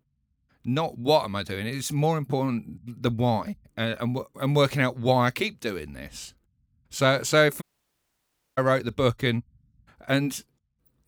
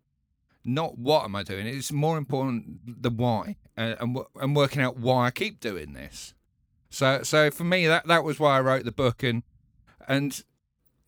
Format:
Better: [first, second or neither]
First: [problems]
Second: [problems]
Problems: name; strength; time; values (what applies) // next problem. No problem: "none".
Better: second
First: audio cutting out; at 7.5 s for 1 s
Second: none